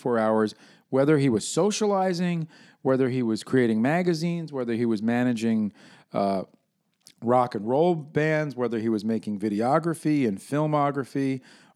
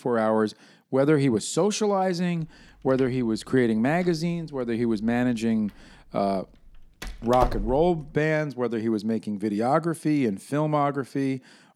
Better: first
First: none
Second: door banging; noticeable; at 7 s; peak 6 dB below the speech

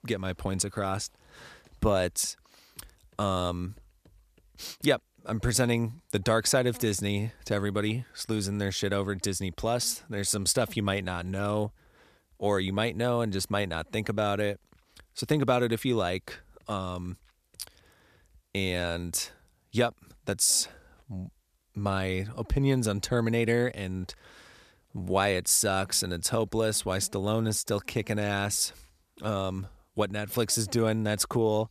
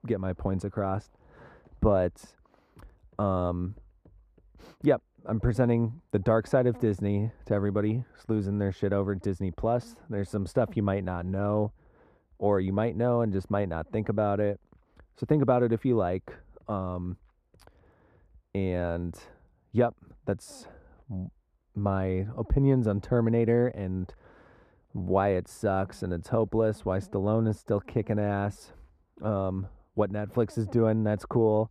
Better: first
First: none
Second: muffled; very; fading above 2 kHz

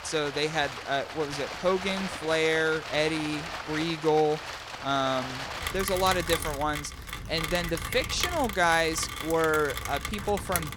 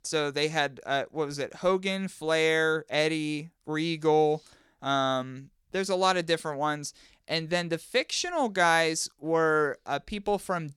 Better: second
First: rain or running water; loud; throughout; 7 dB below the speech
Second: none

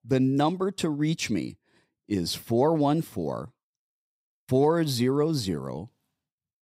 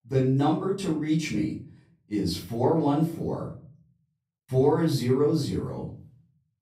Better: first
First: none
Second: off-mic speech; far // room echo; slight; dies away in 0.5 s

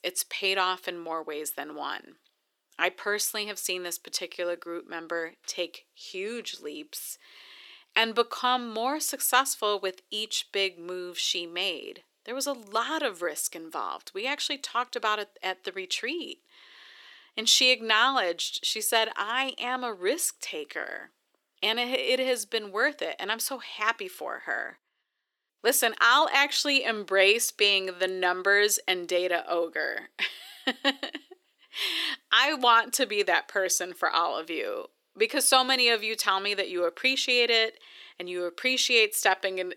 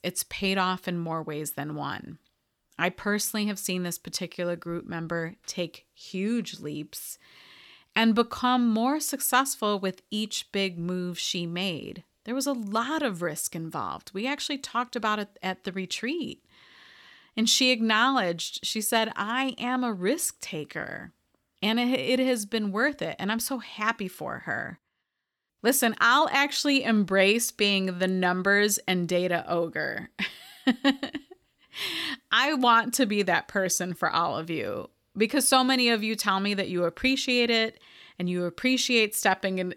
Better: second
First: thin; somewhat; fading below 350 Hz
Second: none

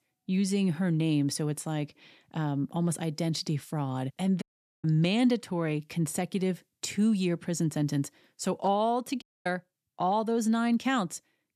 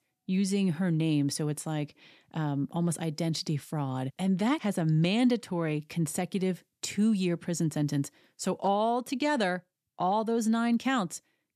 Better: second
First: audio cutting out; at 4.5 s and at 9 s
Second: none

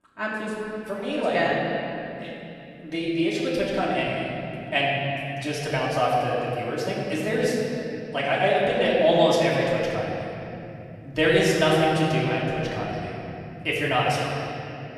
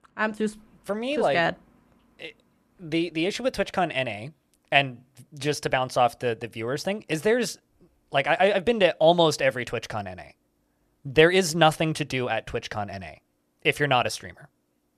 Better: second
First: off-mic speech; far // room echo; strong; dies away in 3 s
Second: none

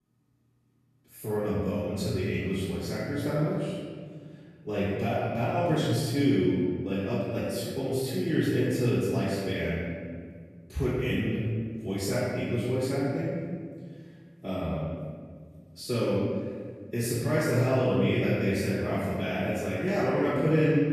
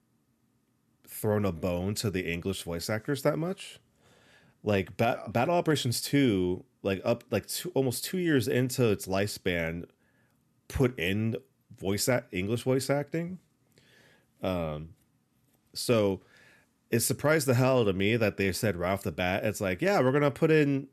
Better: second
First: off-mic speech; far // room echo; strong; dies away in 1.8 s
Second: none

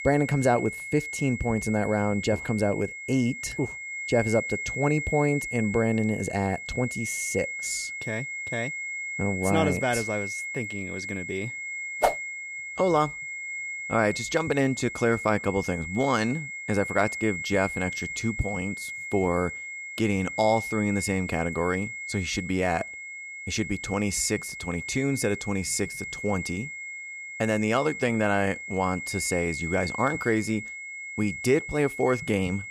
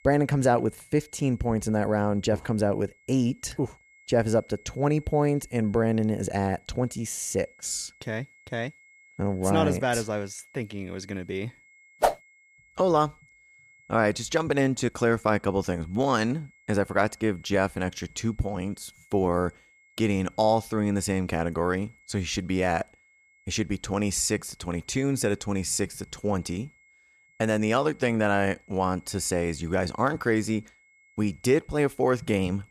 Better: second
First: high-pitched whine; loud; throughout; 2 kHz, 6 dB below the speech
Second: high-pitched whine; faint; throughout; 2 kHz, 30 dB below the speech

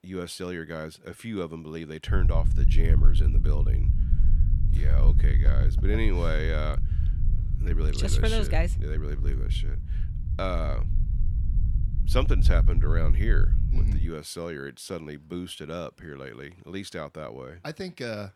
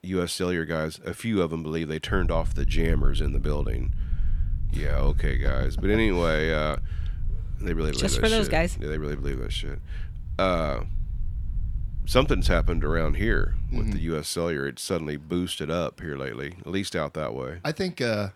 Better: second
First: low rumble; loud; from 2 to 14 s; 9 dB below the speech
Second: low rumble; faint; from 2 to 14 s; 20 dB below the speech

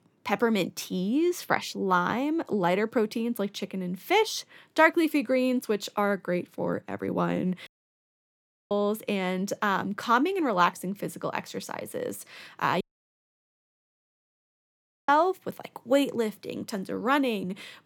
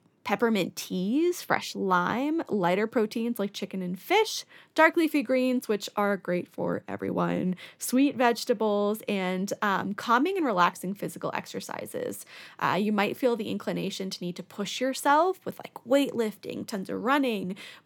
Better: second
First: audio cutting out; at 7.5 s for 1 s and at 13 s for 2.5 s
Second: none

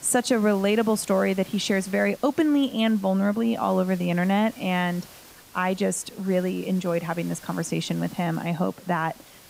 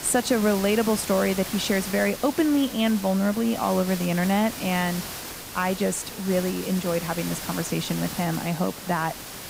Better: first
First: hiss; faint; throughout; 20 dB below the speech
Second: hiss; loud; throughout; 9 dB below the speech

